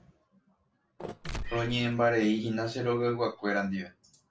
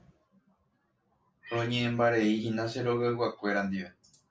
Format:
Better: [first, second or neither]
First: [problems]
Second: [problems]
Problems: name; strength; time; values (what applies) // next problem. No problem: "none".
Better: second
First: background sound (Mechanisms); 12 dB below the speech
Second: none